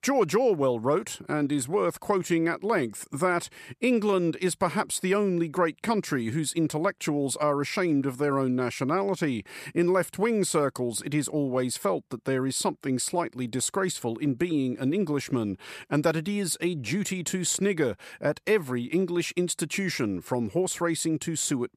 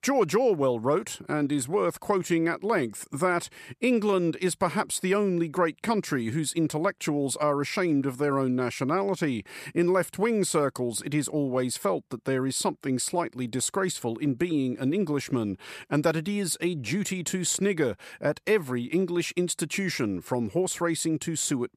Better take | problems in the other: neither | none

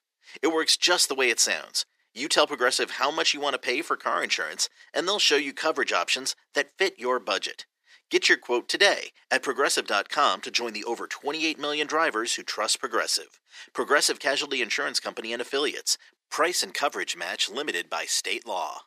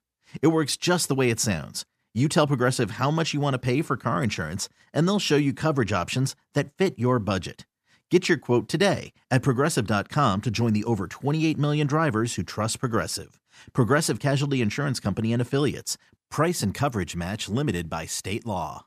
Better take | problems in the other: second | thin; very; fading below 350 Hz

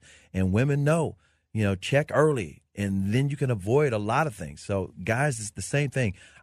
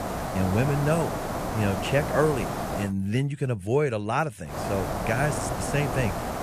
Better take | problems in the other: first | hiss; loud; until 3 s and from 4.5 s on; 4 dB below the speech

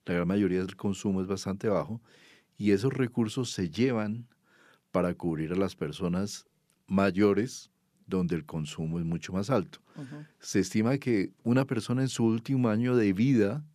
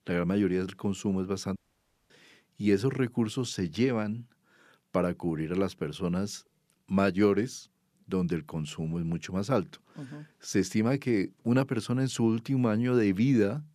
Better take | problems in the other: first | audio cutting out; at 1.5 s for 0.5 s

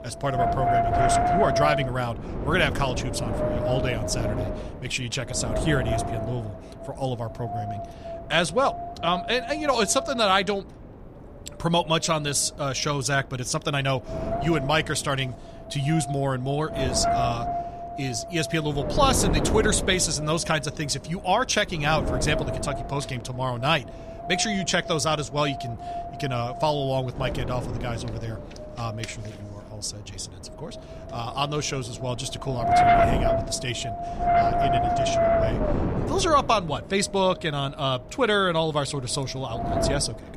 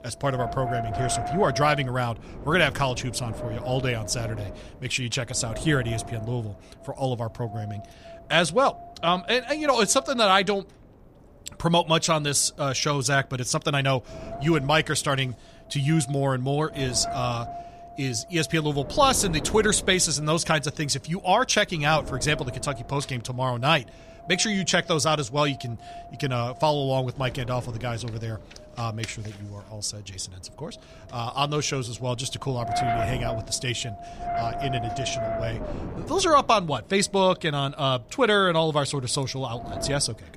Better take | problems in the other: second | wind noise on the microphone; heavy; 1 dB below the speech; occasional gusts in the second

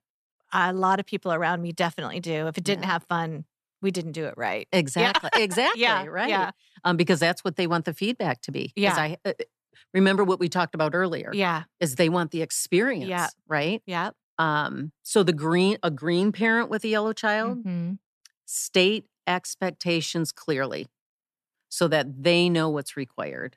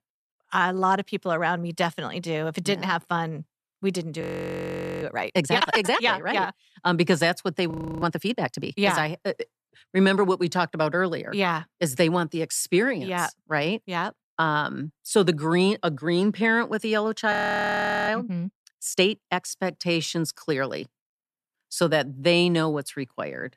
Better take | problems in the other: first | audio freezing; at 4 s for 1 s, at 7.5 s and at 17 s for 1 s

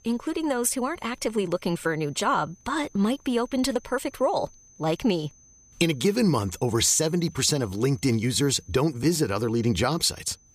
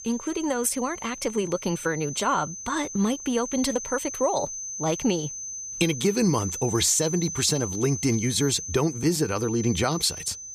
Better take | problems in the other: first | high-pitched whine; loud; throughout; 6 kHz, 8 dB below the speech; faint in the first

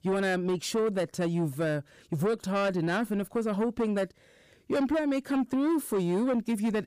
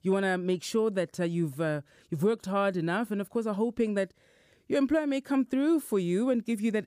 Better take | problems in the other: second | distortion; slight; 10 dB below the speech

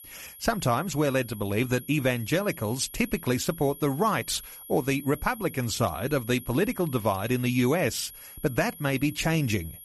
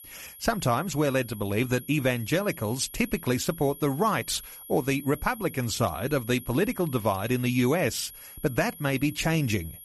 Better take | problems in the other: neither | high-pitched whine; noticeable; throughout; 11.5 kHz, 15 dB below the speech; the same in both

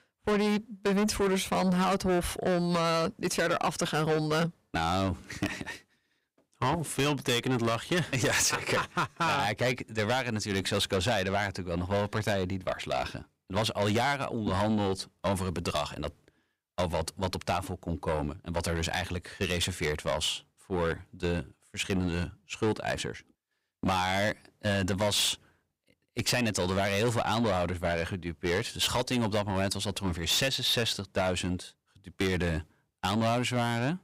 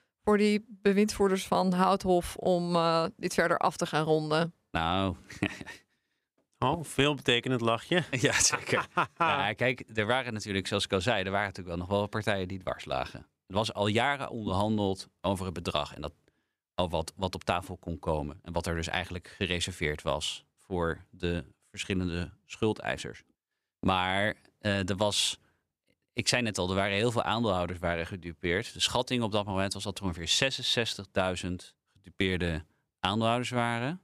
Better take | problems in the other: second | distortion; heavy; 6 dB below the speech

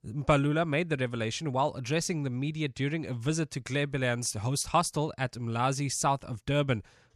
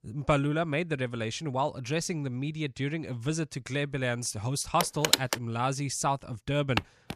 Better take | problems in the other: first | phone ringing; loud; at 5 s; peak 6 dB above the speech // footsteps; very faint; at 7 s; peak 3 dB below the speech

